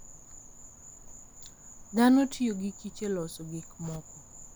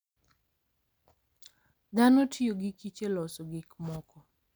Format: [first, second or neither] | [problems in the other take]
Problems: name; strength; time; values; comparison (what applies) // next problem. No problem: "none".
second | background sound (Insect); 17 dB below the speech